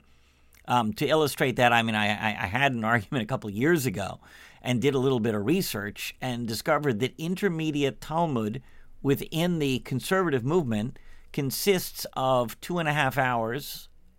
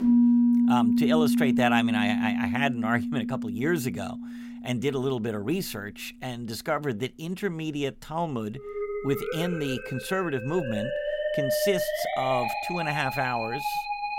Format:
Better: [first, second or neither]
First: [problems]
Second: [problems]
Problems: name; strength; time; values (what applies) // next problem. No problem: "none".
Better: first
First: none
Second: background music; very loud; throughout; 2 dB above the speech